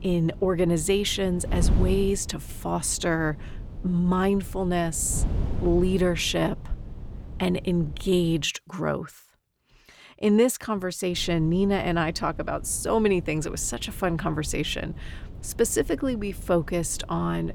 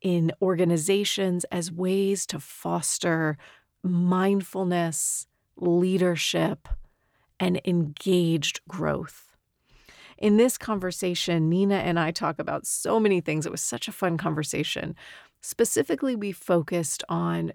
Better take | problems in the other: second | wind noise on the microphone; occasional gusts; until 8.5 s and from 11 s on; 20 dB below the speech

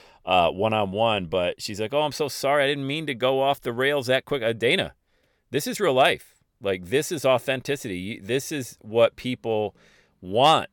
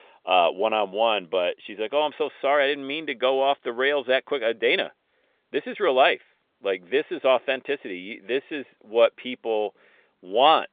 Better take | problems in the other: first | phone-call audio; nothing above 3.5 kHz

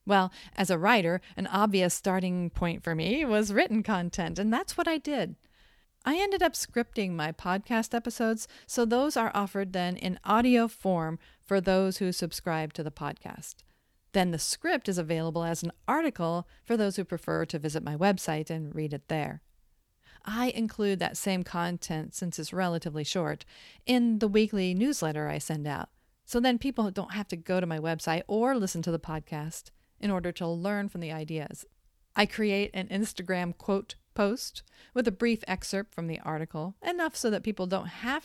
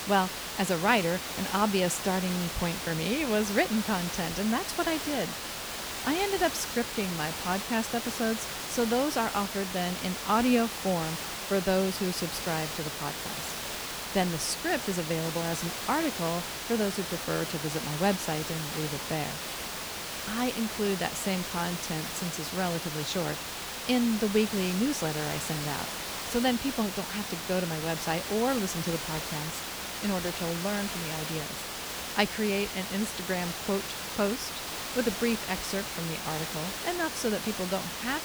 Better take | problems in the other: first | hiss; loud; throughout; 3 dB below the speech

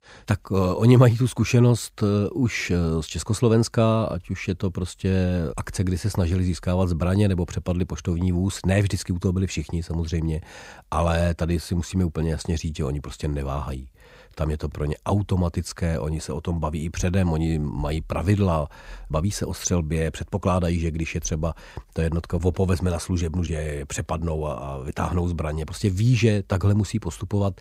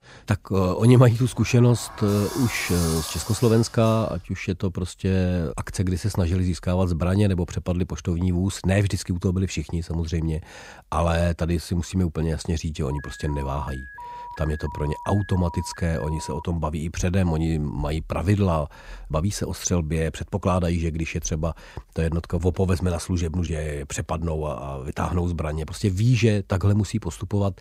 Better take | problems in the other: first | door banging; noticeable; from 1 to 4.5 s; peak 5 dB below the speech // alarm; faint; from 13 to 16 s; peak 15 dB below the speech

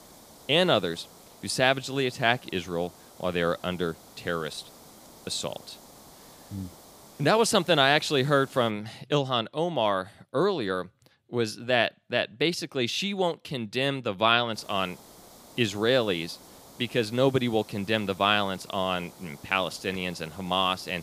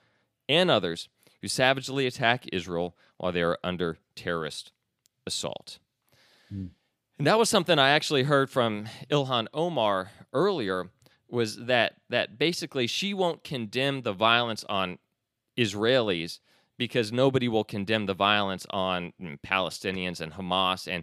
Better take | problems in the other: second | hiss; faint; until 8.5 s and from 15 s on; 25 dB below the speech

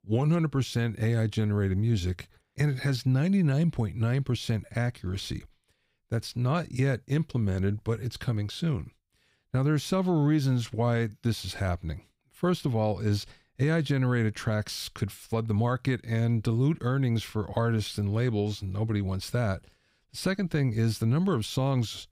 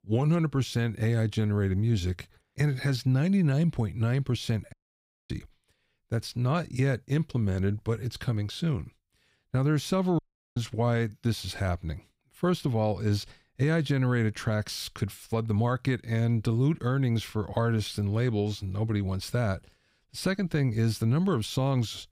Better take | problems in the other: first | audio cutting out; at 4.5 s for 0.5 s and at 10 s

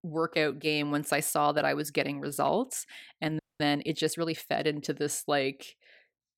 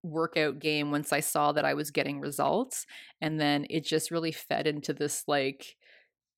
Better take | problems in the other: second | audio freezing; at 3.5 s

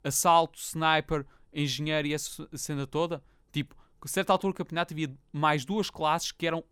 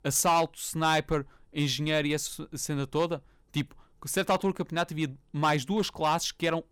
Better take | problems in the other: first | distortion; slight; 3% of the sound clipped

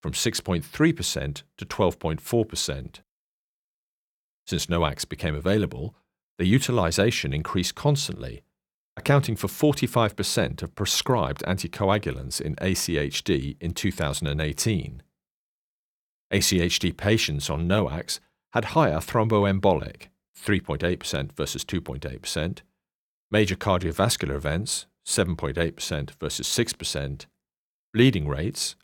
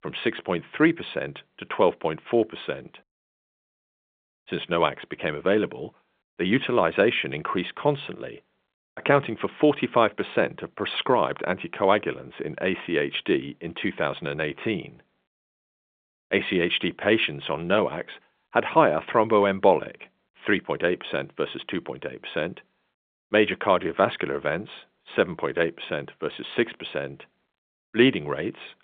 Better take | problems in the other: first | phone-call audio; nothing above 3.5 kHz

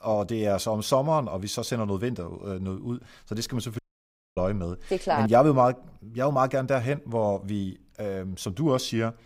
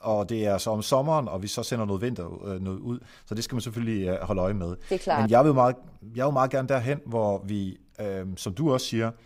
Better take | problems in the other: second | audio cutting out; at 4 s for 0.5 s

